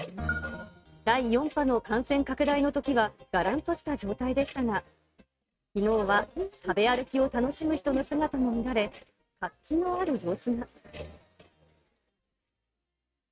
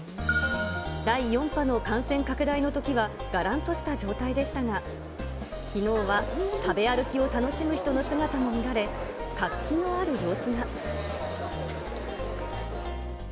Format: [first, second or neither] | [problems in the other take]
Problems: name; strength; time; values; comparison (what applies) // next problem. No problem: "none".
second | noise reduction (neural mask model RNNoise)